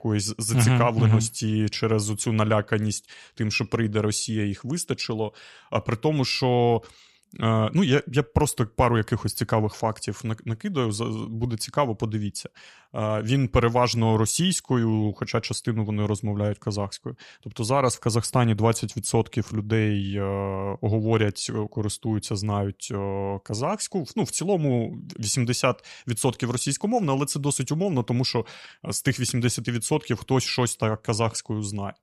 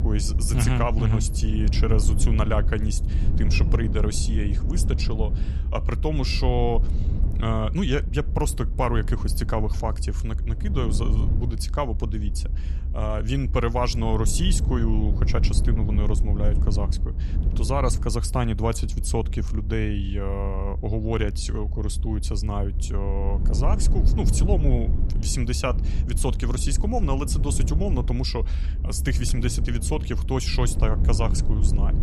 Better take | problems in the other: first | low rumble; noticeable; throughout; 10 dB below the speech

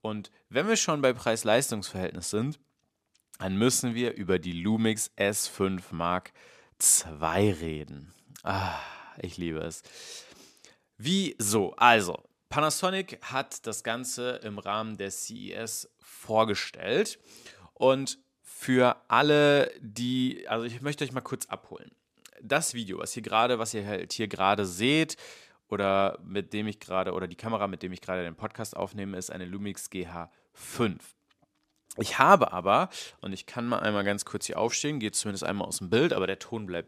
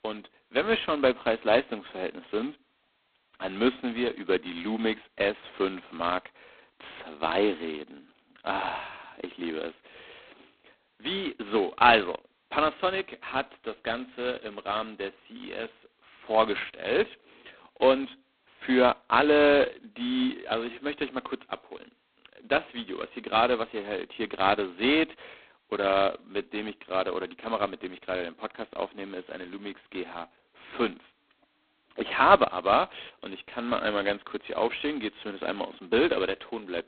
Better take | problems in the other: first | phone-call audio; poor line; nothing above 4 kHz

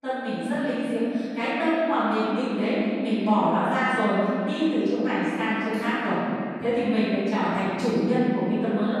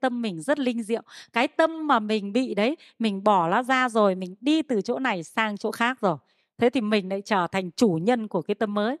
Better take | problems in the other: second | off-mic speech; far // room echo; strong; dies away in 3 s

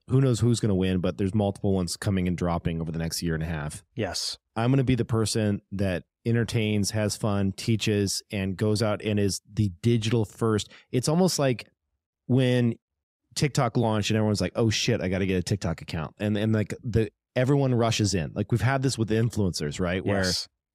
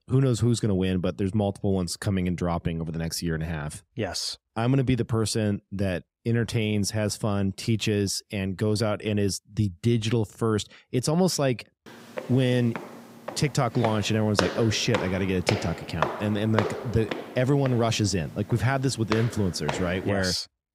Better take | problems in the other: first | footsteps; noticeable; from 12 to 20 s; peak 2 dB below the speech

